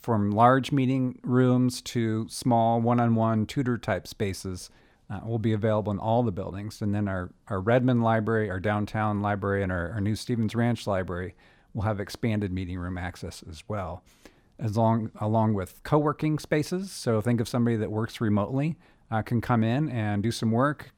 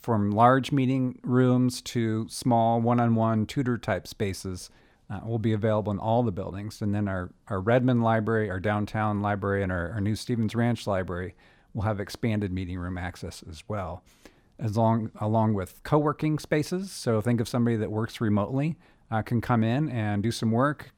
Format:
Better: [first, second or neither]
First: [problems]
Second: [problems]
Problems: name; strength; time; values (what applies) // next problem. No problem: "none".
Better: neither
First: none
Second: none